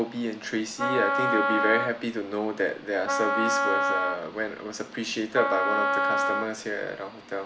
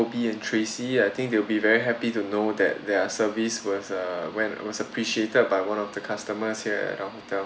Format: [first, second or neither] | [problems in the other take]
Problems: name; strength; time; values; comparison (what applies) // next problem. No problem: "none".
second | background sound (Wind instrument, woodwind instrument); 2 dB above the speech